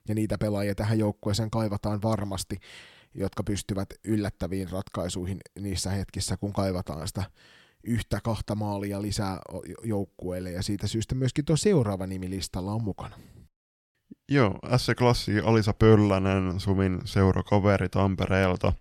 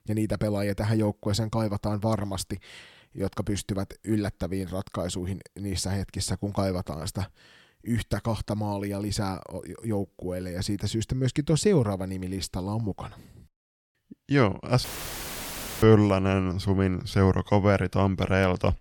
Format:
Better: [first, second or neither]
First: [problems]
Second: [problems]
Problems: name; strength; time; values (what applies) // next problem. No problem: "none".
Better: first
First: none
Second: audio cutting out; filled with static; at 15 s for 1 s